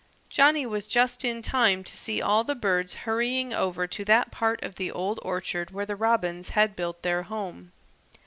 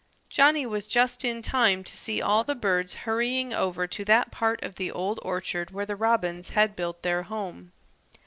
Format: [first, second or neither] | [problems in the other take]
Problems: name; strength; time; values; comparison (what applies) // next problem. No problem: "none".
first | noise reduction (neural separator model SepFormer DNS4)